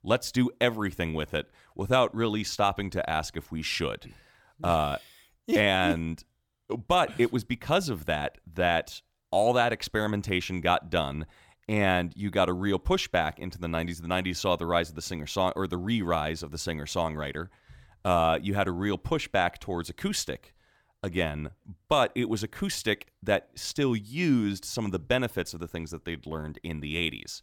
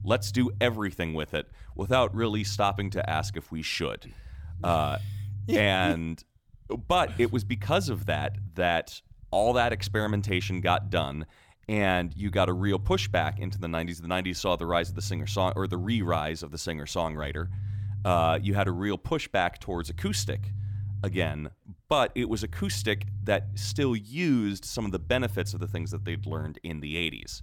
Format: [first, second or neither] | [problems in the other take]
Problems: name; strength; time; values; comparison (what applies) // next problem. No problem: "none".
first | low rumble; faint; throughout; 20 dB below the speech